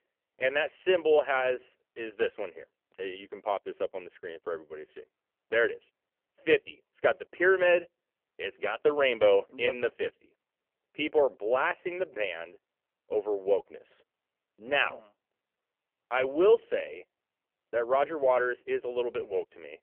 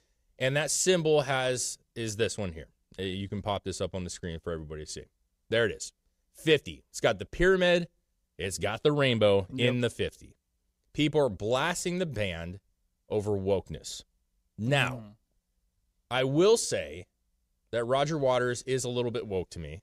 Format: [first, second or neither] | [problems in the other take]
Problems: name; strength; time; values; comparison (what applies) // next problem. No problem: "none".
second | phone-call audio; poor line; nothing above 3 kHz